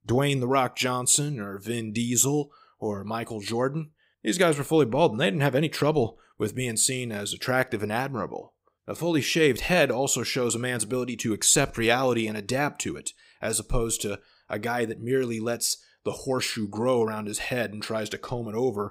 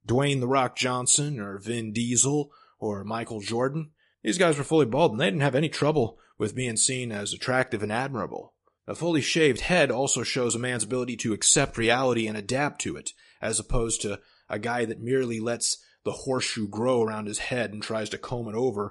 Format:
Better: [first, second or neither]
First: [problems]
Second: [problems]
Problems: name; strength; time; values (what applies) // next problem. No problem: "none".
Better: first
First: none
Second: garbled, watery; slightly; nothing above 9.5 kHz